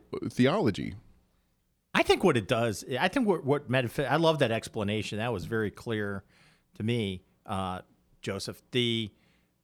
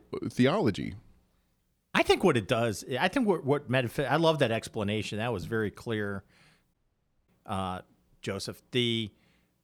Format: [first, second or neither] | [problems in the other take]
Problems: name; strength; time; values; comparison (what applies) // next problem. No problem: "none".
first | audio cutting out; at 6.5 s for 0.5 s